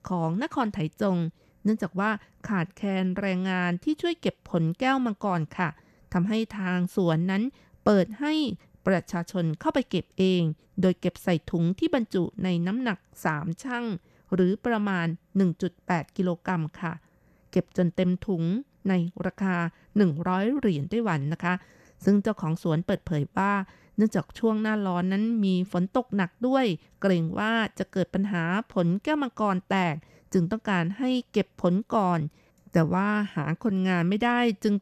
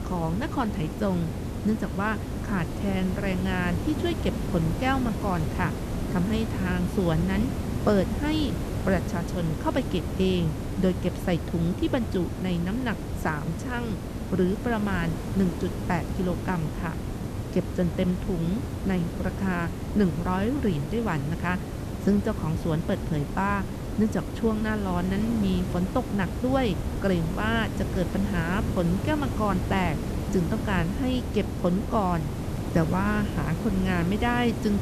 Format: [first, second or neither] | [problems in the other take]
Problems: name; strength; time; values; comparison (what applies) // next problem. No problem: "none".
first | hiss; loud; throughout; 4 dB below the speech